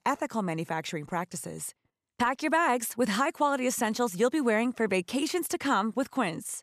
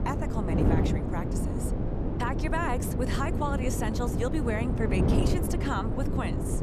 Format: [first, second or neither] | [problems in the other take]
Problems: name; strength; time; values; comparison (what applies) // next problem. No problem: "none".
first | wind noise on the microphone; heavy; 2 dB below the speech